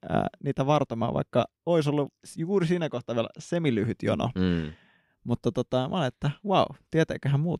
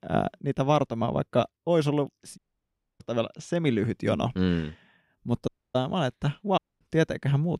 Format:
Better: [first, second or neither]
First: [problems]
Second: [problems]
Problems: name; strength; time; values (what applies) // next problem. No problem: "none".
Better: first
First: none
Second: audio cutting out; at 2.5 s for 0.5 s, at 5.5 s and at 6.5 s